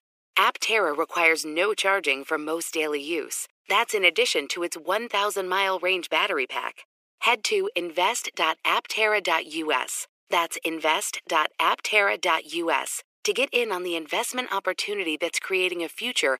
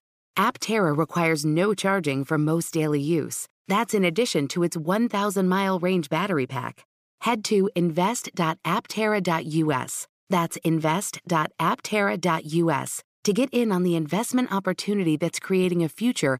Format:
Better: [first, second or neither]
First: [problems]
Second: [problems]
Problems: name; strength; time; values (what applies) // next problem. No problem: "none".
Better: second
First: thin; very; fading below 400 Hz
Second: none